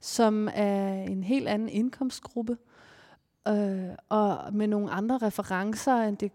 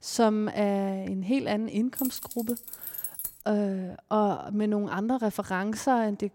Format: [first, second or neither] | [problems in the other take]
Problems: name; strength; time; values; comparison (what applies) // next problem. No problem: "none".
first | jangling keys; noticeable; from 2 to 3.5 s; peak 4 dB below the speech